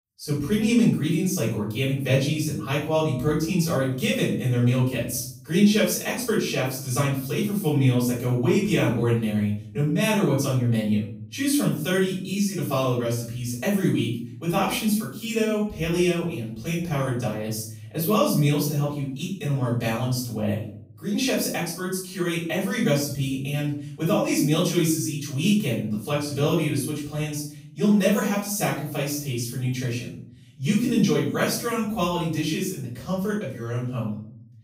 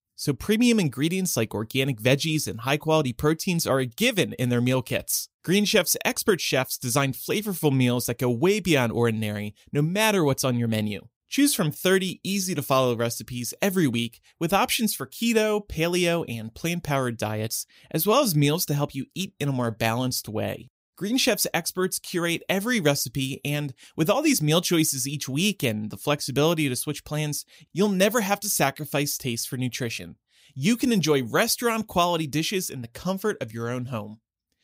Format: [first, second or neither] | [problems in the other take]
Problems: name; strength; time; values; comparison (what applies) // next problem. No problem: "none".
second | off-mic speech; far // room echo; noticeable; dies away in 0.6 s